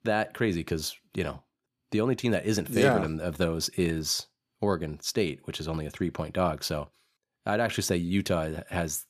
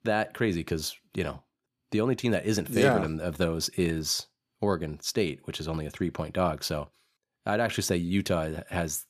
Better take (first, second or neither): neither